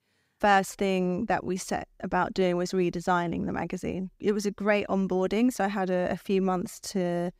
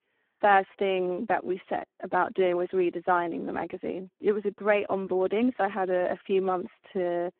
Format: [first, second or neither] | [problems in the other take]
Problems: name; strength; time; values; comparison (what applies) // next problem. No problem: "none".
first | phone-call audio; poor line